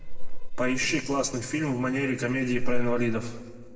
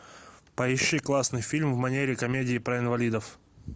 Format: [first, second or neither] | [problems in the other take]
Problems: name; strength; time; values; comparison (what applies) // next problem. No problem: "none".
second | noise reduction (neural separator model SepFormer DNS4)